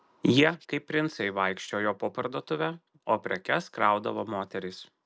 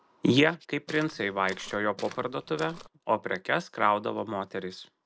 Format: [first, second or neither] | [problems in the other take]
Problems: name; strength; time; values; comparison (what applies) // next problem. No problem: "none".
first | background sound (Walk, footsteps); 17 dB below the speech